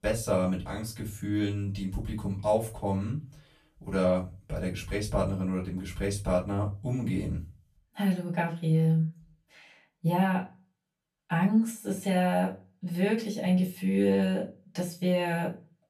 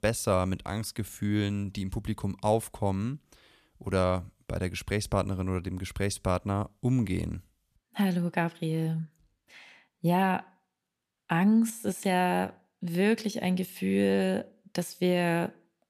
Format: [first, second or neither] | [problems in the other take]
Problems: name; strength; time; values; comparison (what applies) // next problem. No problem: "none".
second | off-mic speech; far // room echo; very slight; dies away in 0.2 s